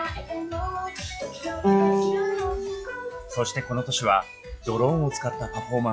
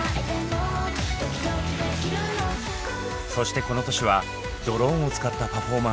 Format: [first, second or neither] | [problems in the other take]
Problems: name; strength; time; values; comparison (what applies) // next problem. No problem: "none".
second | noise reduction (classical method log-MMSE)